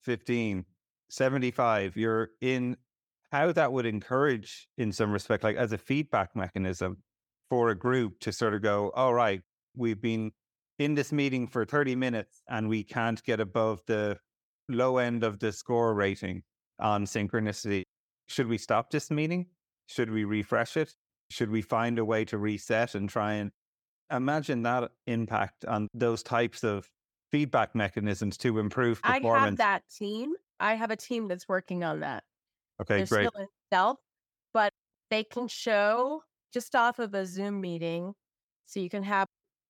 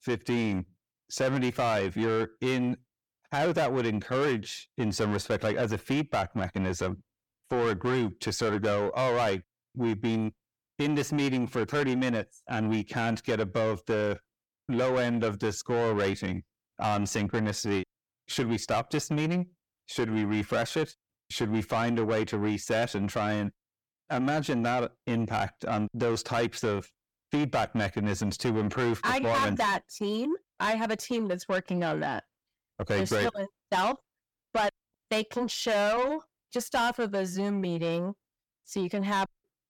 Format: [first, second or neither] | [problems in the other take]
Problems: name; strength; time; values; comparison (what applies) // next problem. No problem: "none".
first | distortion; heavy; 8 dB below the speech